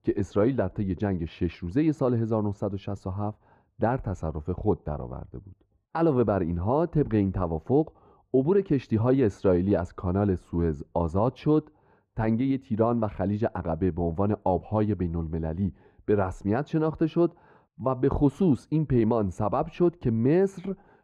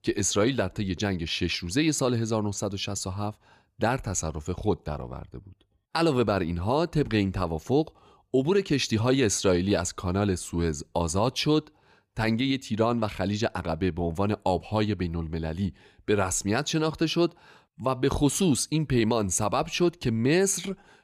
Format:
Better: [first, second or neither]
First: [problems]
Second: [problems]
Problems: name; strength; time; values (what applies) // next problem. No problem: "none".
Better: second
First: muffled; very; fading above 2.5 kHz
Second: none